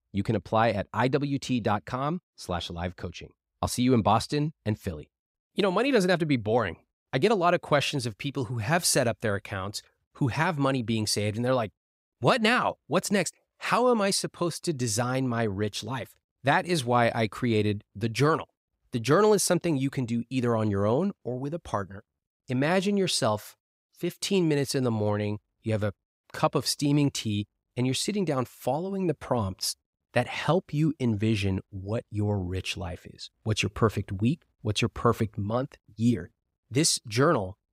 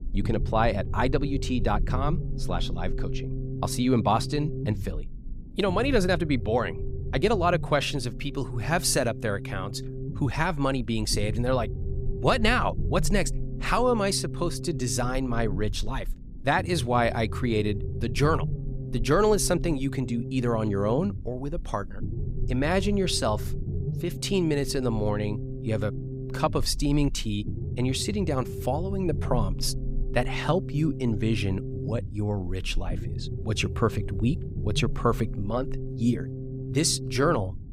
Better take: first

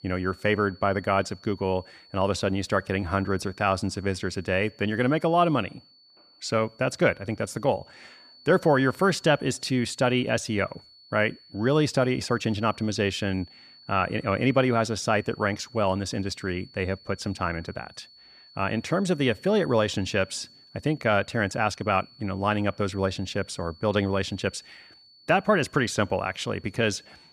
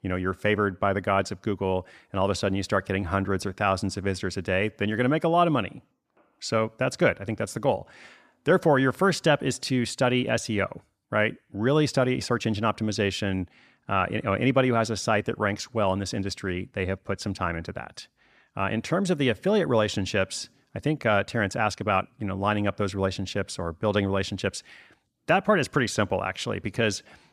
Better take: second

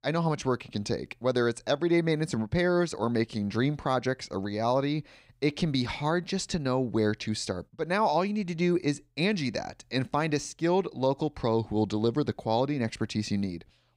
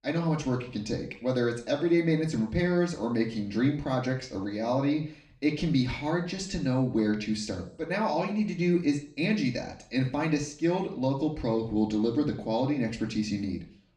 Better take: first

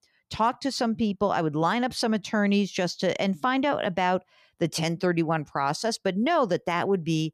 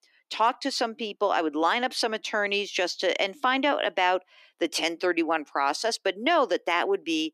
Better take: first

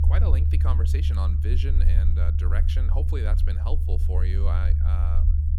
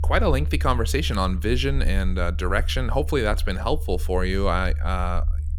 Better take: second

